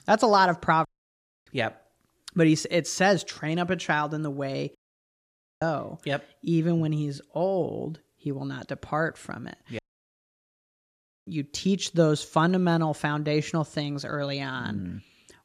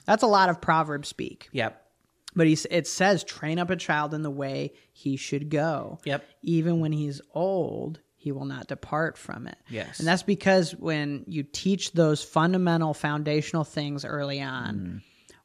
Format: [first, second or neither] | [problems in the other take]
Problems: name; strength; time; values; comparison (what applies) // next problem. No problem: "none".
second | audio cutting out; at 1 s for 0.5 s, at 5 s for 1 s and at 10 s for 1.5 s